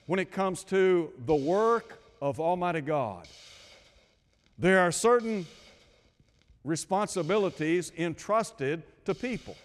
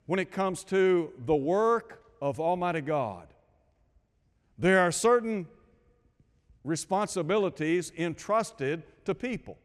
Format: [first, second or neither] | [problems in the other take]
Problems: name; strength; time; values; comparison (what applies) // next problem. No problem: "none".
second | hiss; faint; throughout; 25 dB below the speech